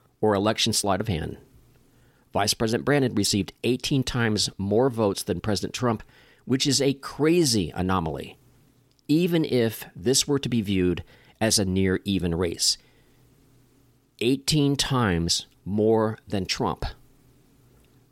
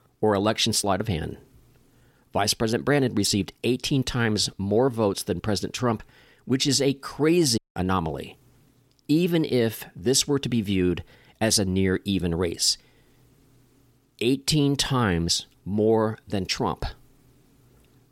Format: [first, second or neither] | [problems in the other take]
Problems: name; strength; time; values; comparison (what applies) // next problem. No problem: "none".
first | audio cutting out; at 7.5 s